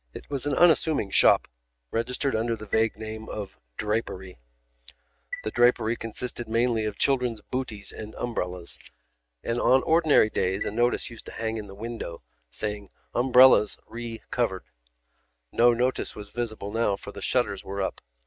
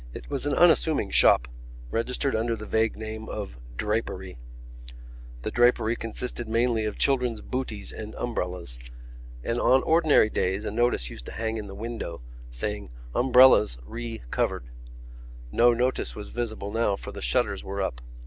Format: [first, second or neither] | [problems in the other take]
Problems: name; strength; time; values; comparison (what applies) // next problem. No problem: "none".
second | noise reduction (neural mask model RNNoise)